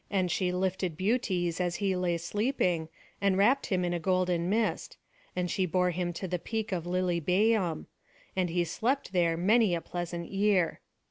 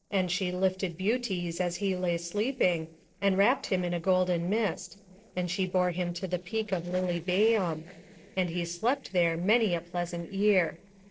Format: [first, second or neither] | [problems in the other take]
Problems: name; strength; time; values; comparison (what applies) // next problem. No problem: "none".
first | noise reduction (neural separator model SepFormer DNS4)